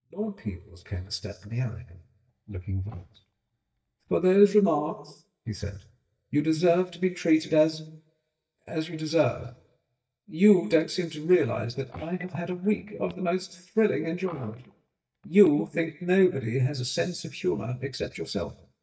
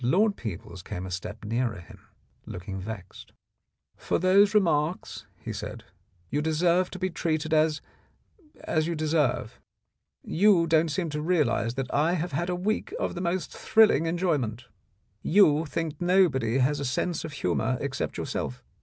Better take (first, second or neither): second